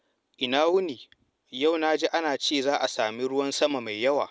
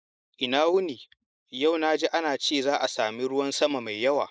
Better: first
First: none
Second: noise reduction (neural mask model Resemble Enhance denoiser)

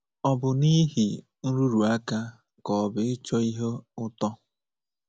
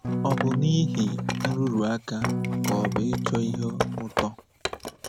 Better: first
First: none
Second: background sound (Wood + Electric guitar / Strum); as loud as the speech

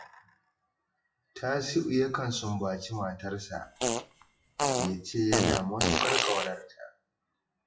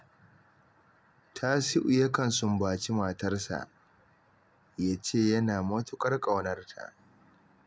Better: second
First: noise reduction (classical method WPE with log-MMSE)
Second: none

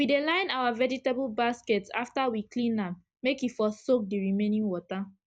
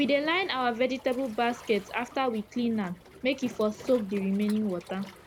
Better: first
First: none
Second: background sound (Waves, surf); 19 dB below the speech

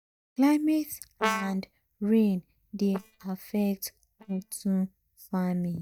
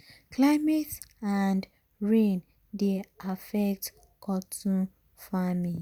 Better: second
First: noise reduction (neural mask model DeepFilterNet 3)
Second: none

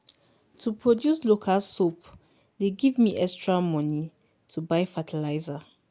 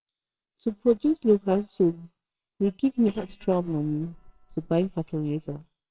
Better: first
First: none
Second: noise reduction (neural separator model SepFormer WHAMR!)

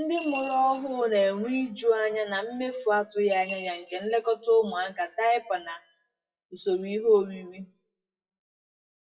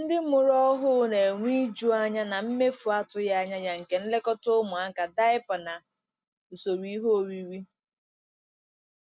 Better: second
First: noise reduction (classical method WPE with log-MMSE)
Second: none

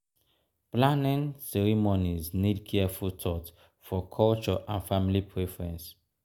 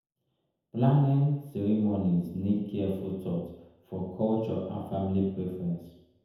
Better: first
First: none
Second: room echo; dies away in 0.9 s

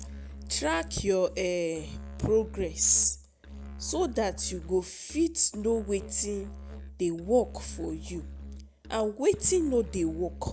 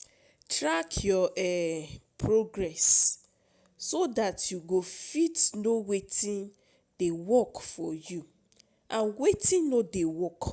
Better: second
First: background sound (Musical instrument); 13 dB below the speech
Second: none

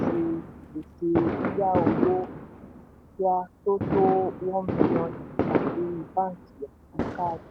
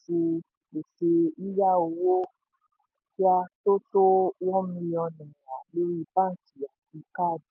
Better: second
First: background sound (Fireworks); 1 dB below the speech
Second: none

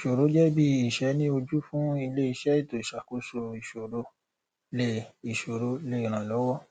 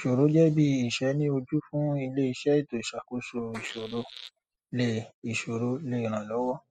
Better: first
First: none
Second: noise reduction (classical method spectral subtraction)

